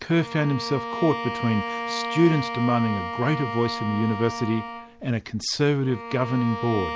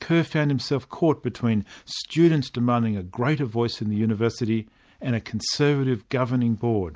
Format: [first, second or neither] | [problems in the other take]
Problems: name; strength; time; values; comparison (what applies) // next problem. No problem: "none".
second | background sound (Bowed string instrument); 8 dB below the speech